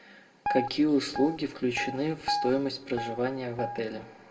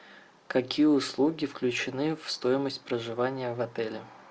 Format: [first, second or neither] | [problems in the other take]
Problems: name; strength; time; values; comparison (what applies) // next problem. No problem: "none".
second | background sound (Guitar); 6 dB below the speech // room echo; dies away in 1.2 s